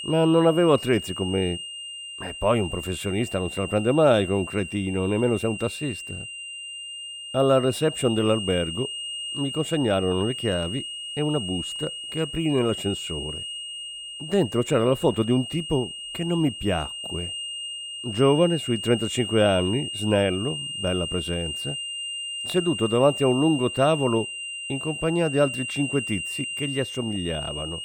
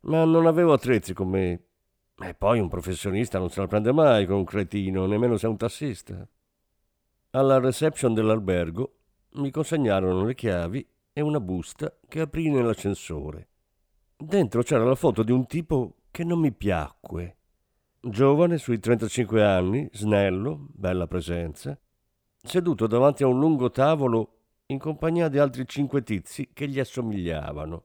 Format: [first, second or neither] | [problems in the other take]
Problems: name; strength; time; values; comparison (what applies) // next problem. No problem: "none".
second | high-pitched whine; loud; throughout; 3 kHz, 7 dB below the speech